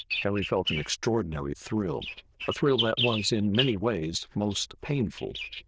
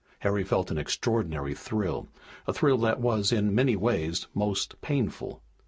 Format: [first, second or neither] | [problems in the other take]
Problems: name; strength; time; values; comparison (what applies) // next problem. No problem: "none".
second | noise reduction (neural diffusion model UNIVERSE++)